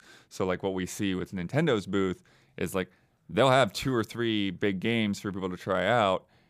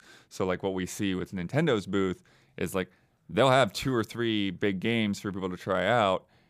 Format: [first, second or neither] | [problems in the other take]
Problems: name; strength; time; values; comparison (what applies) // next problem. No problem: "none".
neither | none